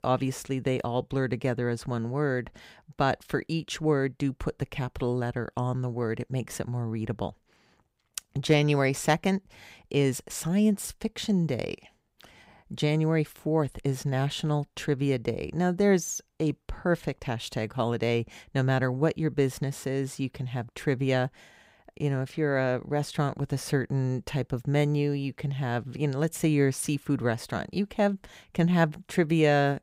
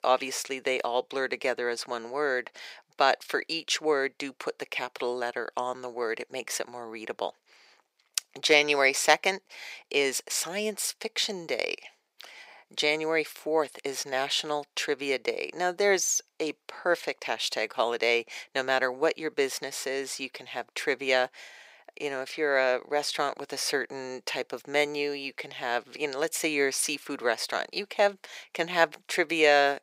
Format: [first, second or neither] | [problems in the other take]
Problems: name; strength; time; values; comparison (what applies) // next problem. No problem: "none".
first | thin; very; fading below 450 Hz